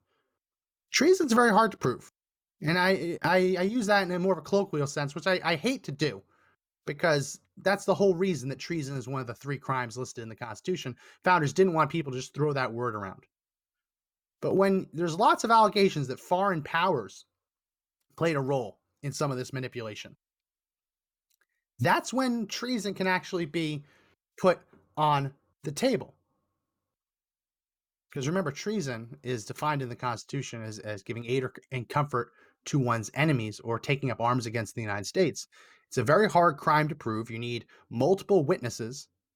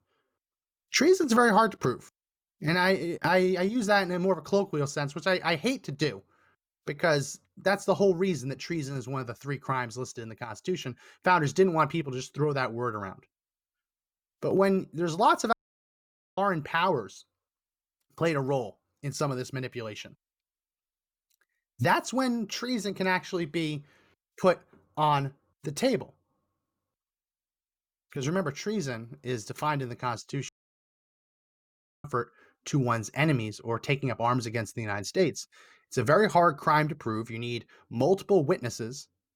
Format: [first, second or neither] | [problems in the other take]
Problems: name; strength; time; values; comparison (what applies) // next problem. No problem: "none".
first | audio cutting out; at 16 s for 1 s and at 30 s for 1.5 s